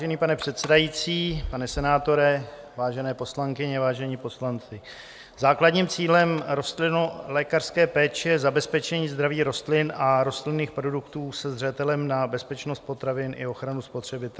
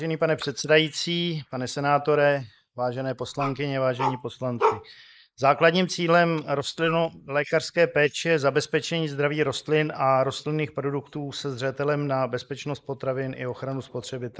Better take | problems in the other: first | noise reduction (neural mask model Resemble Enhance denoiser)

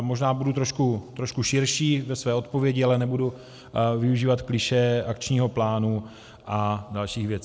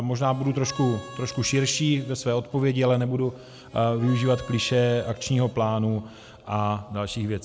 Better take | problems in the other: first | background sound (Harmonica); 20 dB below the speech

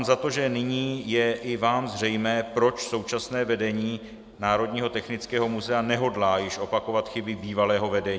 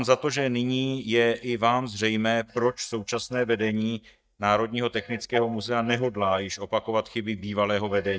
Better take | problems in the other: first | noise reduction (neural mask model DeepFilterNet 3)

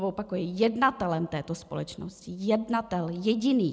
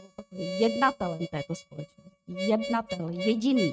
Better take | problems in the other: first | noise reduction (neural mask model RNNoise)

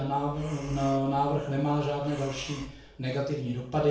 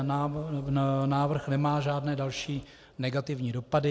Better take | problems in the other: second | background sound (Breathing); 20 dB below the speech // room echo; dies away in 0.4 s

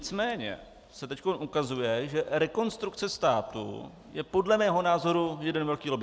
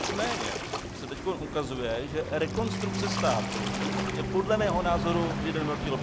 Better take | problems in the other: first | background sound (Waves, surf); 1 dB below the speech

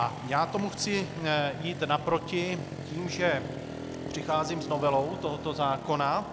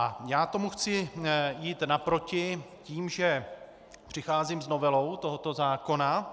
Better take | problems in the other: second | background sound (Motorcycle); 9 dB below the speech

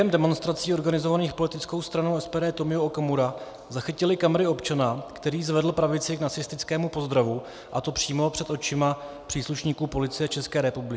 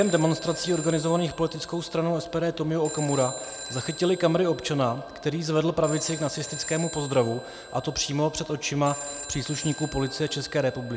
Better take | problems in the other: first | background sound (Telephone); 13 dB below the speech

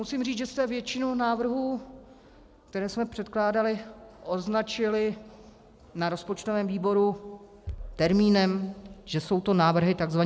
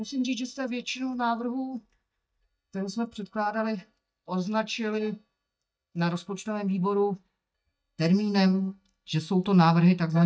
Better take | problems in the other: first | noise reduction (neural mask model DeepFilterNet 3)

